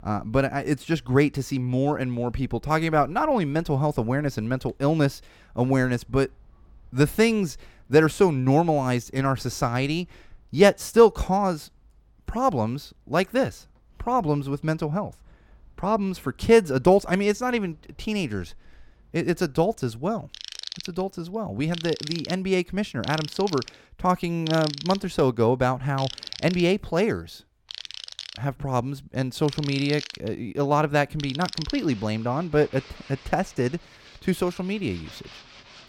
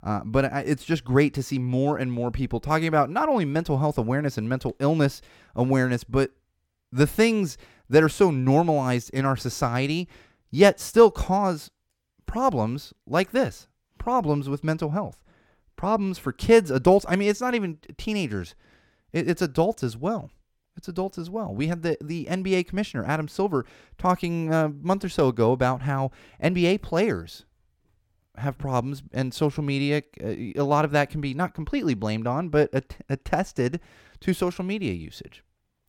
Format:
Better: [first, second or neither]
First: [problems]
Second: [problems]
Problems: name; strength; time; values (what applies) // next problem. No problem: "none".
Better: second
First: machinery noise; noticeable; throughout; 15 dB below the speech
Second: none